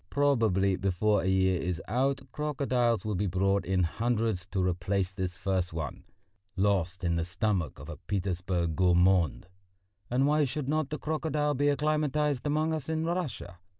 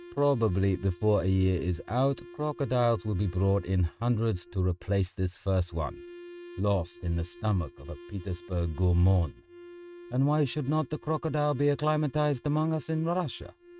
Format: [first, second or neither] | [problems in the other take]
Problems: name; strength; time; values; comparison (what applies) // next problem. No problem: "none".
first | noise reduction (neural mask model RNNoise)